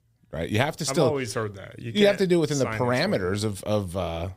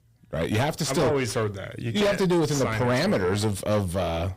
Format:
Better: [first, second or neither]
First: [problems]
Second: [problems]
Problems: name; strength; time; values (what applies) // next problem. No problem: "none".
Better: first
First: none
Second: distortion; heavy; 6 dB below the speech